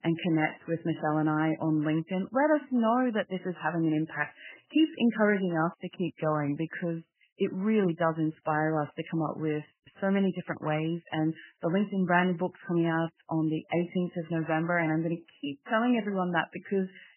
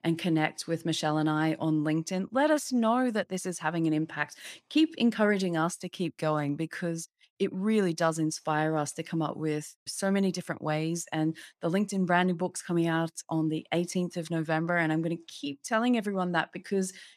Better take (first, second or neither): second